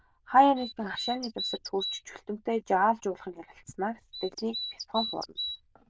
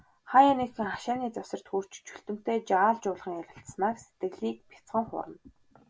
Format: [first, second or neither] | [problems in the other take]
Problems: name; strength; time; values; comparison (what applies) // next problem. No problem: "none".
second | noise reduction (neural diffusion model UNIVERSE++)